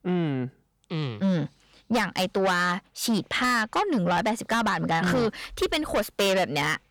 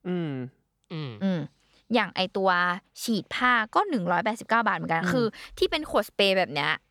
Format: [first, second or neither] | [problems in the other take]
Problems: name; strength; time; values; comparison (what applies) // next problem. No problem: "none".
second | distortion; heavy; 6 dB below the speech